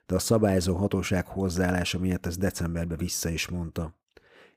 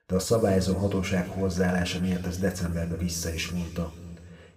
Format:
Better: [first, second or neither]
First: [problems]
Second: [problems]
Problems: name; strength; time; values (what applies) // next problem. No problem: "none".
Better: first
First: none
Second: room echo; slight; dies away in 1.6 s // off-mic speech; somewhat distant